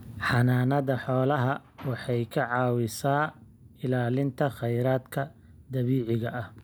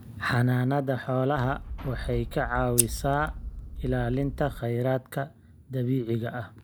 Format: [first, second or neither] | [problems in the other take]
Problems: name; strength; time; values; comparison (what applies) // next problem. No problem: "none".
first | background sound (Scissors); 6 dB below the speech